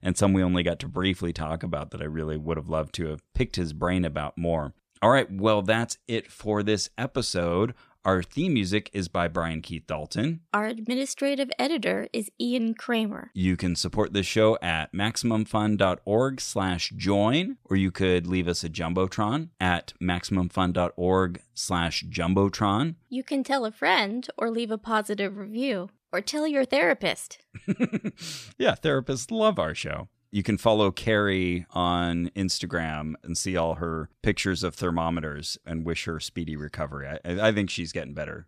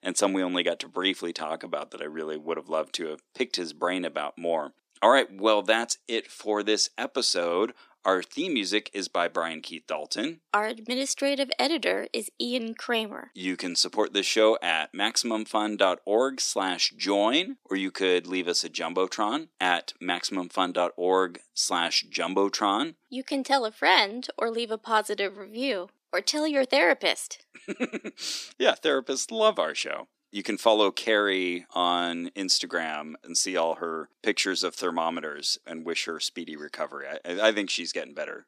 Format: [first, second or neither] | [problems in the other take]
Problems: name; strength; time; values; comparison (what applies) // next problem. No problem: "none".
first | thin; somewhat; fading below 250 Hz